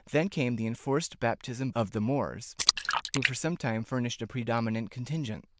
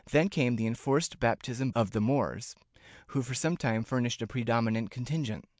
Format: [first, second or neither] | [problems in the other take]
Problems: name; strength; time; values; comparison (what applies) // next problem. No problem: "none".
second | noise reduction (neural diffusion model UNIVERSE++)